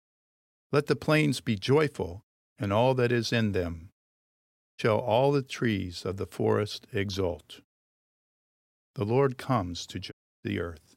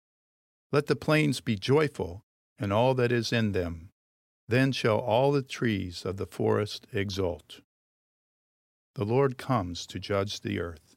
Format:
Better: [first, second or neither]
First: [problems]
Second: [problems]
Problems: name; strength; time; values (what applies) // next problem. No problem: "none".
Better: second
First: audio cutting out; at 4.5 s and at 10 s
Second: none